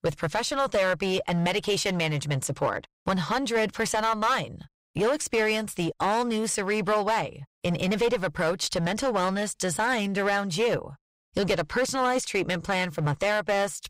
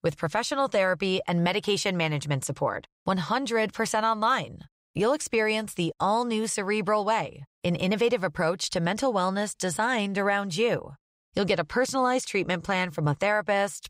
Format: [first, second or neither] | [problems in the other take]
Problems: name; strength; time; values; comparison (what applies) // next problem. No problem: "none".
second | distortion; slight; 11% of the sound clipped